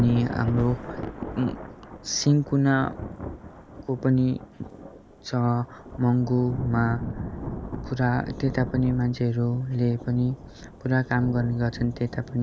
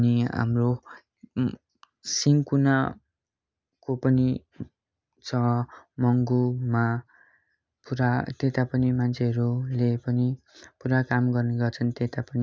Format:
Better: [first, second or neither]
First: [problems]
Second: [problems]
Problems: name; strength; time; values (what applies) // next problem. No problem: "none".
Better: second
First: background sound (Thunder / Rain); 11 dB below the speech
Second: none